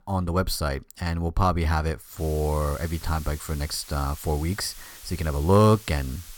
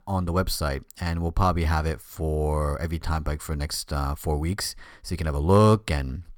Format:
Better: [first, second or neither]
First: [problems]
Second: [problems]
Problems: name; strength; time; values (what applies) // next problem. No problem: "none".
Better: second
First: hiss; noticeable; from 2 s on; 15 dB below the speech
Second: none